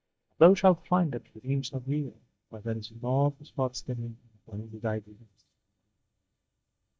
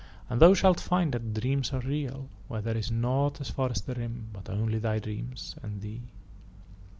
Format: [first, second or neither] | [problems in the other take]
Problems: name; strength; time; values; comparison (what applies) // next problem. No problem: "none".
second | noise reduction (neural mask model DeepFilterNet 3)